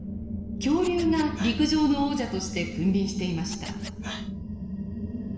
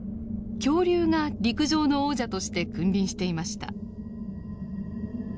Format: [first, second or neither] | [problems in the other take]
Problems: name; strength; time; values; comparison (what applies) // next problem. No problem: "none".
second | background sound (Scratching (performance technique)); 19 dB below the speech // room echo; dies away in 1.2 s